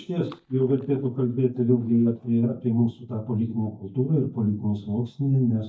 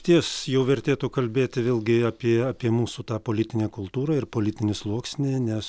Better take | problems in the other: second | noise reduction (neural mask model DeepFilterNet 3)

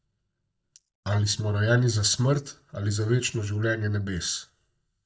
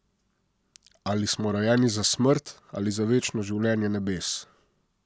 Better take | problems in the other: second | noise reduction (neural mask model DeepFilterNet 3)

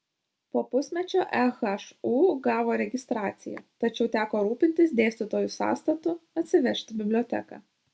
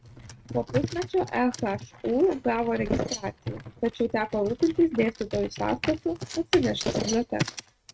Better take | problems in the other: first | noise reduction (neural mask model RNNoise)

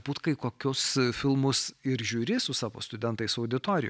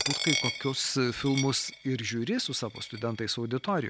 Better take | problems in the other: first | background sound (Coin (dropping)); 6 dB below the speech

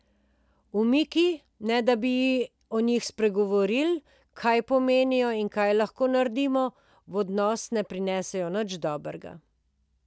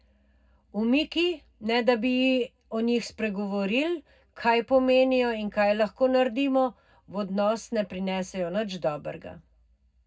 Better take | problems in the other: first | room echo; dies away in 0.3 s

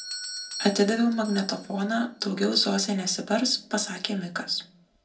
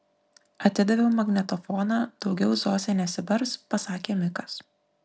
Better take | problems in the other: second | background sound (Doorbell); 16 dB below the speech // room echo; dies away in 0.2 s

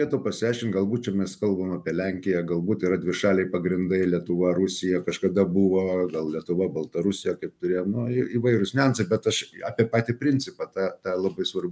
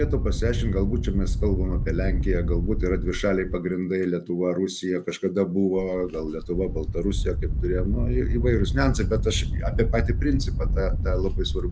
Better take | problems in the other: first | background sound (Wind); 1 dB above the speech

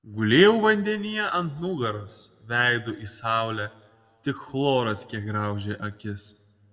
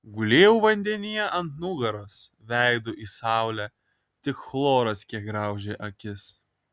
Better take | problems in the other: second | room echo; dies away in 1 s

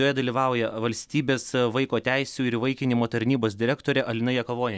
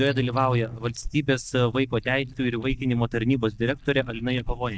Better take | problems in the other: first | noise reduction (neural mask model DeepFilterNet 3)

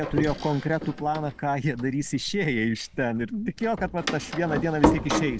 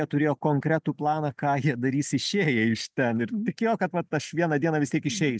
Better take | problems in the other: second | background sound (Door); 4 dB below the speech

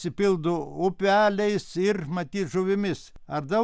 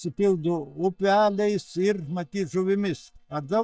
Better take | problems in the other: first | noise reduction (neural mask model DeepFilterNet 3)

